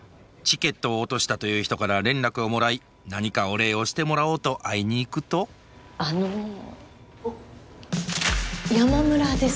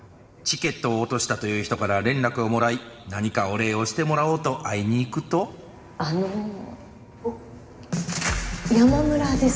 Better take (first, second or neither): first